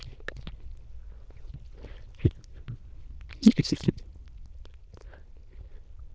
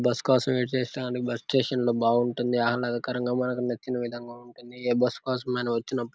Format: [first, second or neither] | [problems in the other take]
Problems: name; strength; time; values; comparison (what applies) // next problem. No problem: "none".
second | noise reduction (neural diffusion model UNIVERSE++)